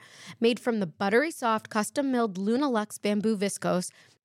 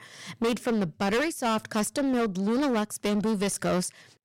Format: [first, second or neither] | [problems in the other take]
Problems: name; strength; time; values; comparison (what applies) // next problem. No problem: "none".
first | distortion; heavy; 21% of the sound clipped